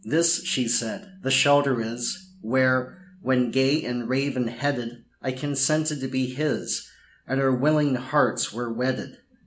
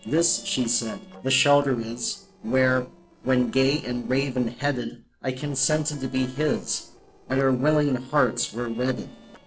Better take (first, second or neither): first